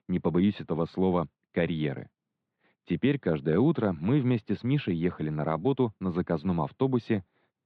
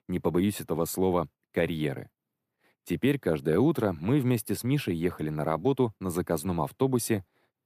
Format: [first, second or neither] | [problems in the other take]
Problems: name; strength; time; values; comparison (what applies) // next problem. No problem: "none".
second | muffled; slightly; fading above 3.5 kHz